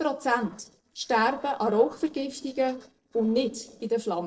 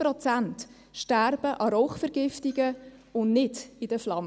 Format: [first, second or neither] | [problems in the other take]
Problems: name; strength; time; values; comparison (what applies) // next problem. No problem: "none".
second | noise reduction (neural separator model SepFormer DNS4)